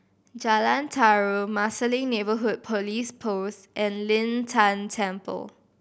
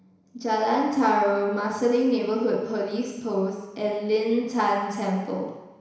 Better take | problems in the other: first | room echo; dies away in 1 s

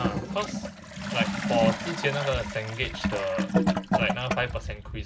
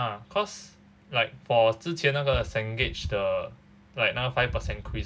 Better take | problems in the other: second | background sound (Toilet flush / Gurgling); 1 dB above the speech

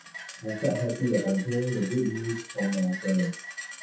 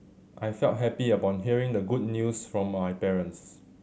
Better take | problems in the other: second | noise reduction (classical method WPE with log-MMSE)

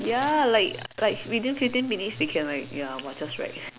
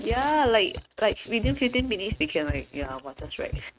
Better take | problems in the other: first | noise reduction (neural mask model RNNoise)

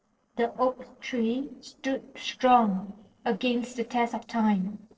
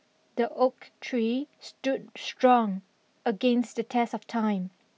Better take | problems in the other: second | noise reduction (neural separator model SepFormer DNS4)

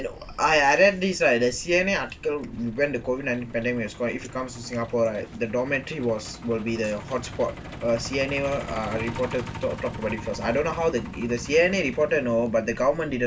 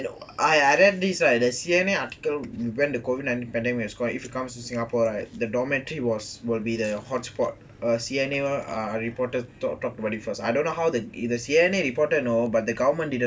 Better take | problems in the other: second | background sound (Truck); 14 dB below the speech

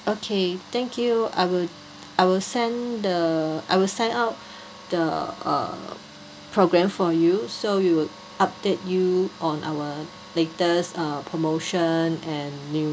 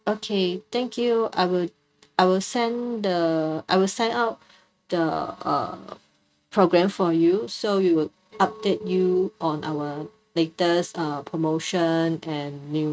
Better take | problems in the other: first | noise reduction (neural mask model RNNoise)

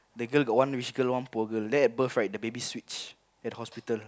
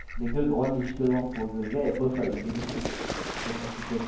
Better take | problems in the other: first | background sound (Fowl); 6 dB below the speech // room echo; dies away in 0.9 s

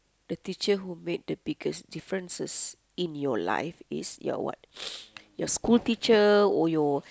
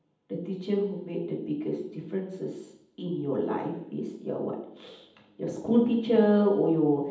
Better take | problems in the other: first | room echo; dies away in 0.8 s

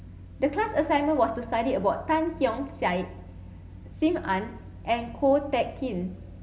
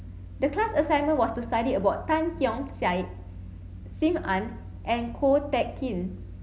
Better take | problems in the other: second | room echo; dies away in 1.8 s

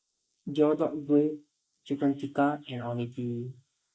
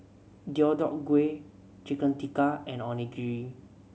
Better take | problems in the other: second | noise reduction (neural mask model Resemble Enhance denoiser)

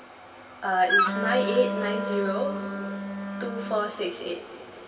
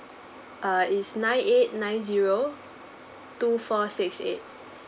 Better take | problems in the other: second | background sound (Wind instrument, woodwind instrument); as loud as the speech // room echo; dies away in 2.4 s

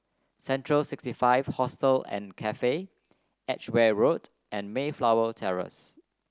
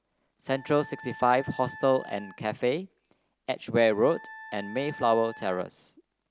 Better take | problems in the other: first | background sound (Wind instrument, woodwind instrument); 17 dB below the speech

